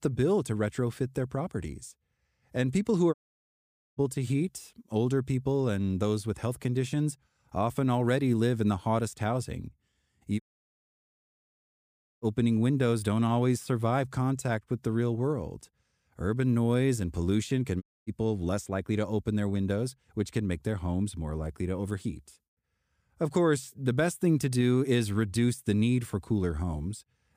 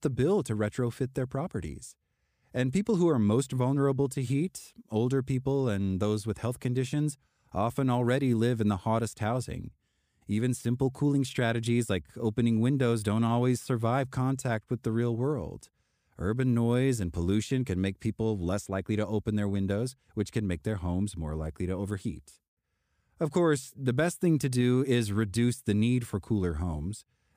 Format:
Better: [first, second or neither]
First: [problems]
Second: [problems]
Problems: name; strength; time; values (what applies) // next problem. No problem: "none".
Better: second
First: audio cutting out; at 3 s for 1 s, at 10 s for 2 s and at 18 s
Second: none